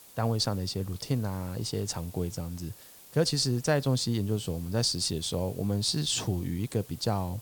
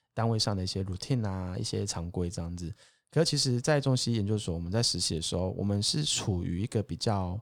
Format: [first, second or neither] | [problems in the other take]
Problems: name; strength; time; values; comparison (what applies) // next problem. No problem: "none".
second | hiss; noticeable; throughout; 20 dB below the speech